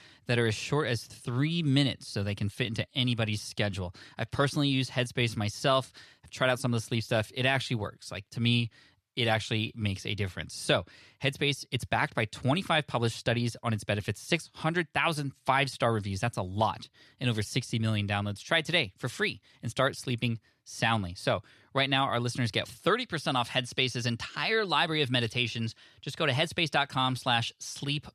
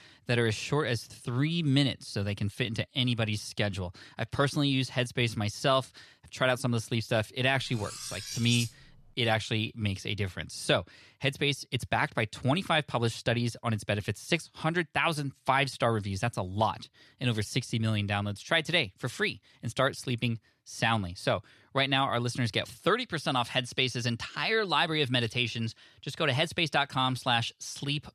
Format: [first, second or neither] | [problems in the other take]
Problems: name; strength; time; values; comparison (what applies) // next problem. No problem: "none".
first | clattering dishes; noticeable; from 7.5 to 9 s; peak 5 dB below the speech